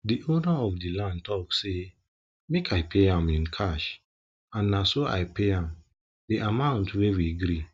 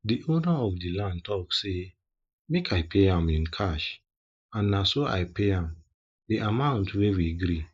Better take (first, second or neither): first